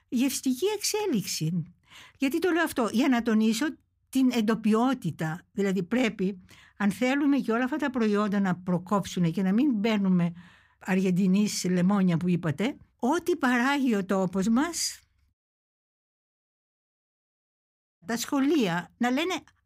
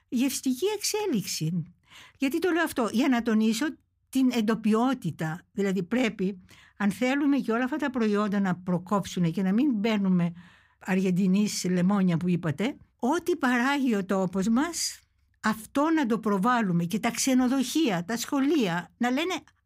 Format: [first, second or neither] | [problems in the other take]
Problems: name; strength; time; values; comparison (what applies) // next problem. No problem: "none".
second | audio cutting out; at 15 s for 2.5 s